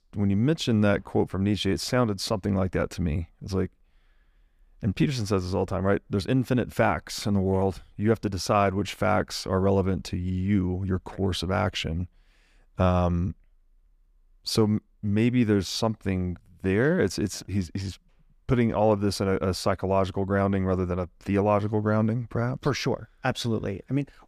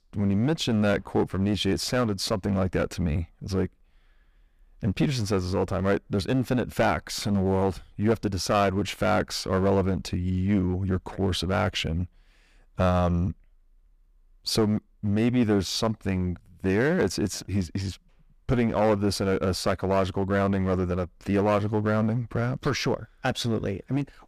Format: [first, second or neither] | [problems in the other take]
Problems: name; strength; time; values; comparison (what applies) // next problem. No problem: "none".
first | distortion; slight; 6% of the sound clipped